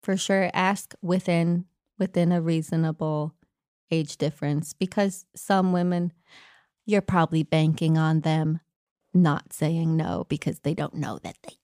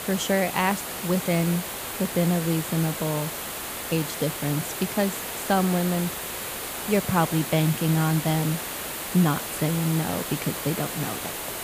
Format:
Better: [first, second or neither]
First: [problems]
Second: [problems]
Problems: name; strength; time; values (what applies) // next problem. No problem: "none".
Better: first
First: none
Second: hiss; loud; throughout; 5 dB below the speech